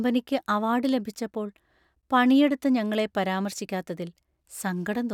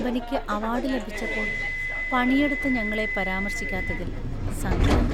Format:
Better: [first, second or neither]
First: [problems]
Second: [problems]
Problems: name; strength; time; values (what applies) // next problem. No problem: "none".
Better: first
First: none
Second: background sound (Subway, metro, underground); 2 dB above the speech